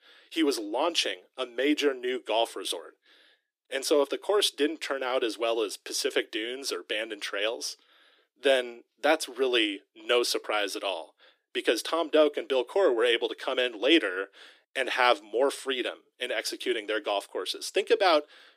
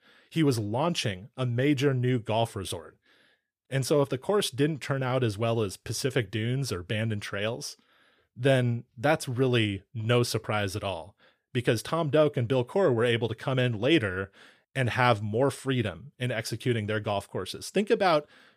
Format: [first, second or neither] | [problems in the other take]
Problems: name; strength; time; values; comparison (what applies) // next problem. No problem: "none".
second | thin; somewhat; fading below 300 Hz